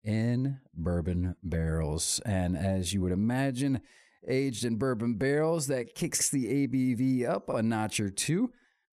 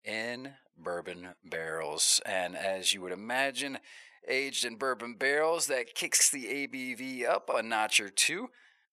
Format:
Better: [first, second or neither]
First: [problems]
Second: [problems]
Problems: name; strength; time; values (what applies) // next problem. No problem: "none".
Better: first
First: none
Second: thin; very; fading below 700 Hz